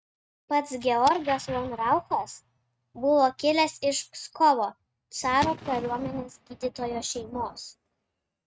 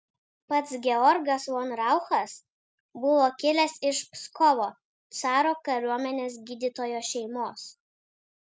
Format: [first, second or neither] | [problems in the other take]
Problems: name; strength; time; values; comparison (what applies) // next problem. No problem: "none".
second | noise reduction (neural mask model RNNoise)